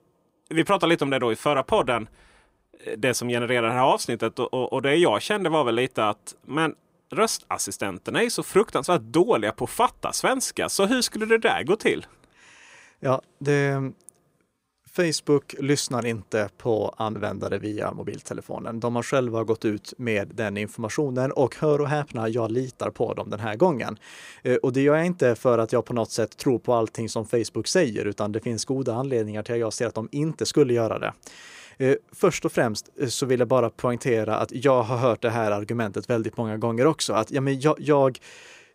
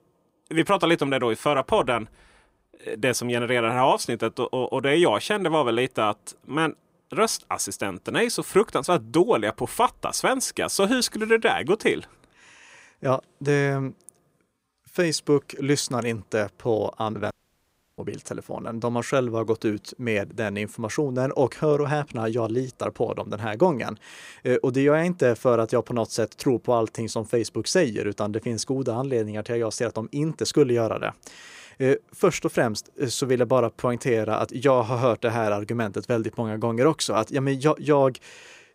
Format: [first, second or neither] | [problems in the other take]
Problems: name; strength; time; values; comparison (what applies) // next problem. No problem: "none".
first | audio cutting out; at 17 s for 0.5 s